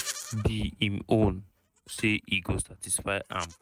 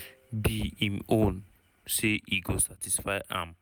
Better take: second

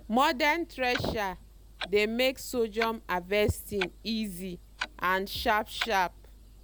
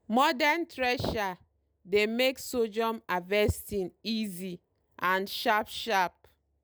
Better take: second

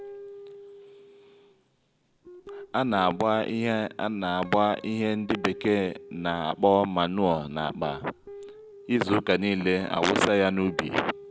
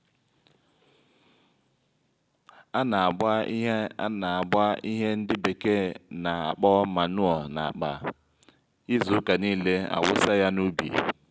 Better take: second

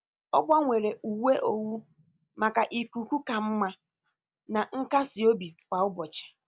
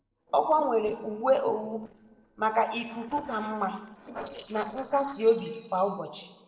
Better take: first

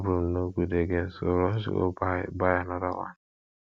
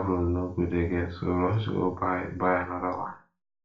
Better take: first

